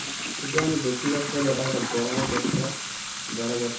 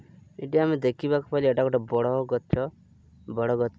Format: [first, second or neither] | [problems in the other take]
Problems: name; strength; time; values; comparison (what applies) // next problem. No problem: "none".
second | background sound (Toilet flush / Water tap, faucet); 2 dB below the speech // room echo; dies away in 0.9 s